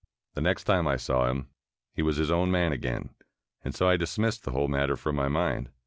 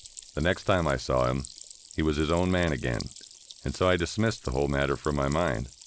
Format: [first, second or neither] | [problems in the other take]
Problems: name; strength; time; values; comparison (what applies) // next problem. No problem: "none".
first | background sound (Stream); 19 dB below the speech